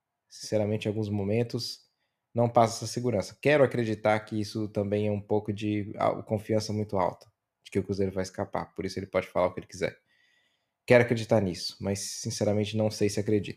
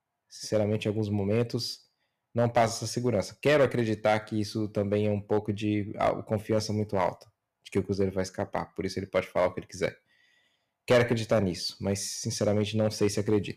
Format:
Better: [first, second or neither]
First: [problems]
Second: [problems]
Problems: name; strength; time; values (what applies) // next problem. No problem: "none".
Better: first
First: none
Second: distortion; slight; 1.9% of the sound clipped